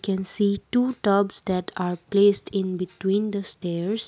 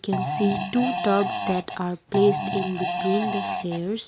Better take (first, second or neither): first